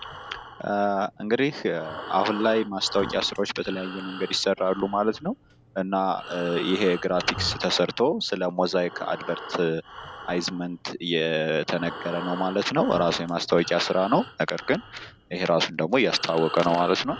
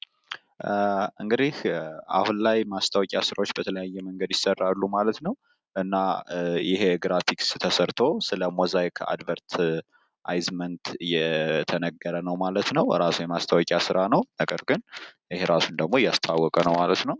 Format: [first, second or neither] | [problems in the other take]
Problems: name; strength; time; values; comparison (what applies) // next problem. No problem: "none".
second | background sound (Breathing); 14 dB below the speech